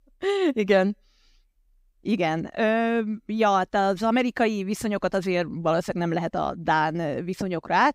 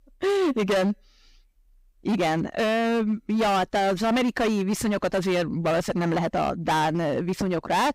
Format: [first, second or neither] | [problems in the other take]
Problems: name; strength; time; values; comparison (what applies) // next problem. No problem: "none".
first | distortion; heavy; 21% of the sound clipped